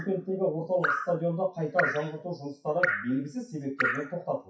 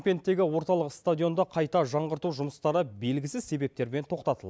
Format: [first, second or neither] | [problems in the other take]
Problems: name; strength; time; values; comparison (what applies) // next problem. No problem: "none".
second | noise reduction (classical method WPE with log-MMSE)